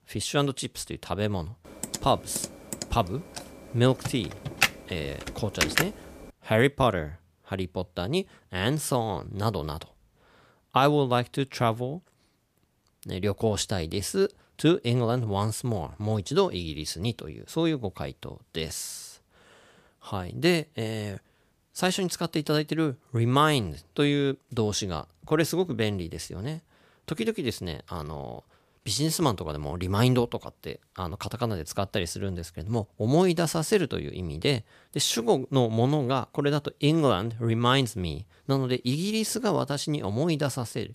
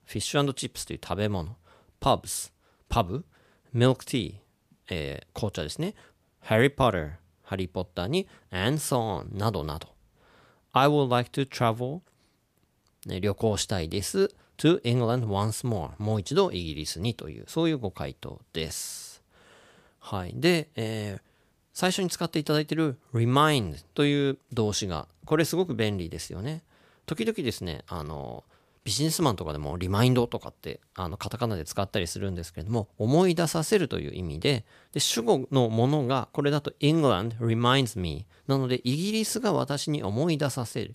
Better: second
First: keyboard typing; loud; from 2 to 6 s; peak 3 dB above the speech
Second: none

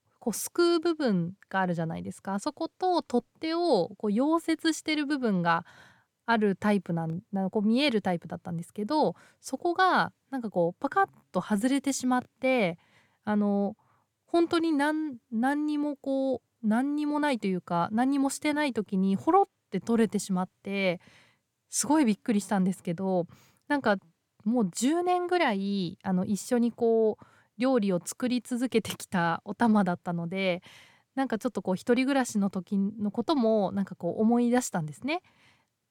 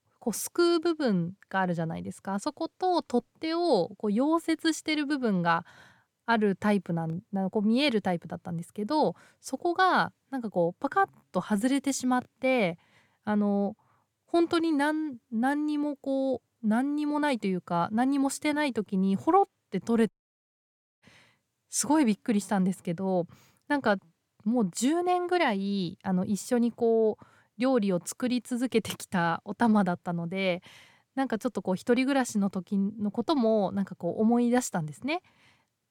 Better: first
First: none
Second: audio cutting out; at 20 s for 1 s

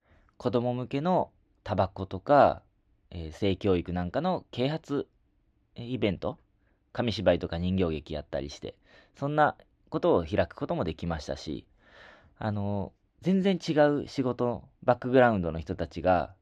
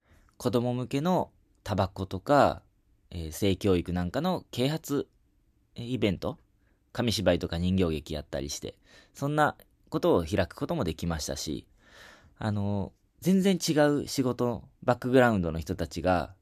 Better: second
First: muffled; slightly; fading above 3 kHz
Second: none

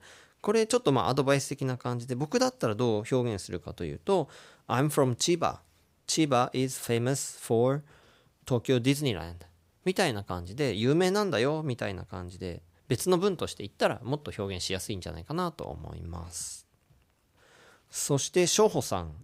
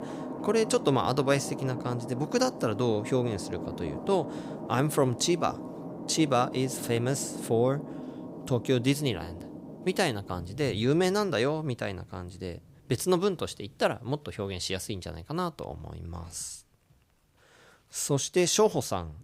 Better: first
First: none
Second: rain or running water; noticeable; throughout; 10 dB below the speech

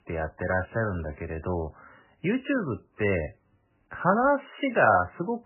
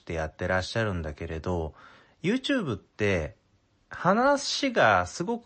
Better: second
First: garbled, watery; badly; nothing above 3 kHz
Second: garbled, watery; slightly; nothing above 8 kHz

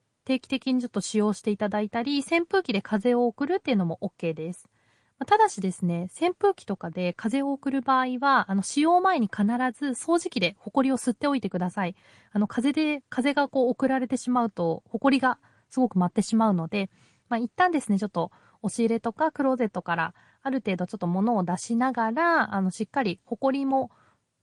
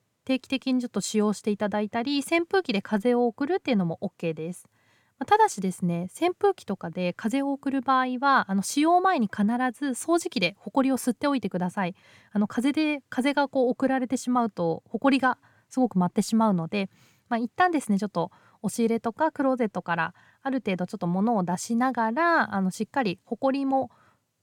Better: second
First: garbled, watery; slightly; nothing above 10.5 kHz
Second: none

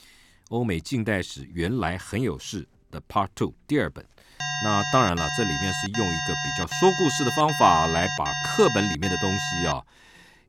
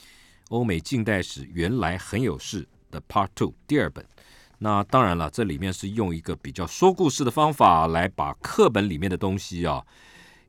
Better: second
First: alarm; noticeable; from 4.5 to 9.5 s; peak 1 dB below the speech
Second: none

